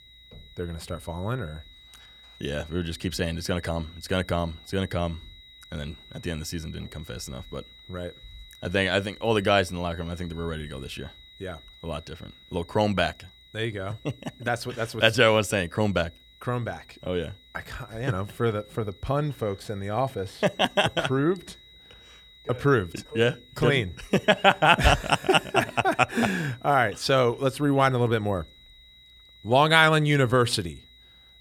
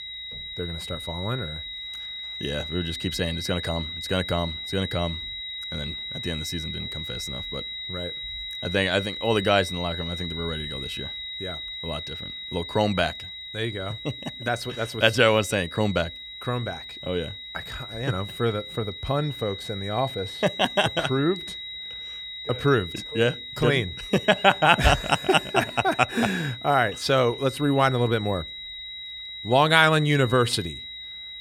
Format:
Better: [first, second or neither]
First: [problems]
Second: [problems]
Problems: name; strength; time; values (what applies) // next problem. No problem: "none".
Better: first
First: high-pitched whine; faint; throughout; 4 kHz, 25 dB below the speech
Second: high-pitched whine; loud; throughout; 4 kHz, 9 dB below the speech